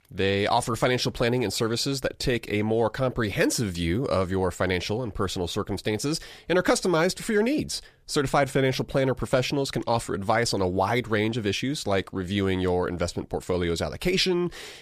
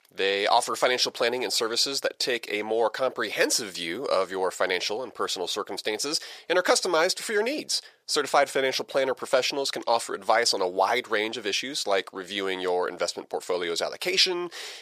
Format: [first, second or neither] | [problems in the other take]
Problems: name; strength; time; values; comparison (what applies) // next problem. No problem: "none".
first | thin; very; fading below 550 Hz